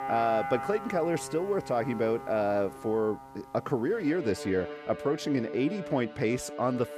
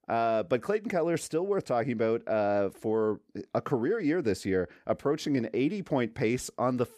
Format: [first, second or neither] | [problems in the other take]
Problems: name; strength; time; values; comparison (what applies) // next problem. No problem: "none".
second | background music; noticeable; throughout; 10 dB below the speech